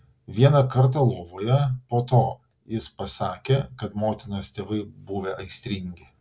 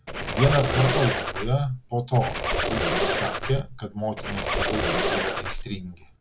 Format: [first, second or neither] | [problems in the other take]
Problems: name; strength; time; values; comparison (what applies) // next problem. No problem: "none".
first | background sound (Squeak); as loud as the speech